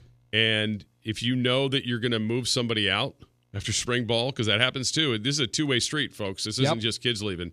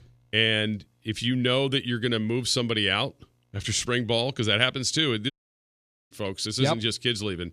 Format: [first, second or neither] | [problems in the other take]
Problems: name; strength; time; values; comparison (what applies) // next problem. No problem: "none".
first | audio cutting out; at 5.5 s for 1 s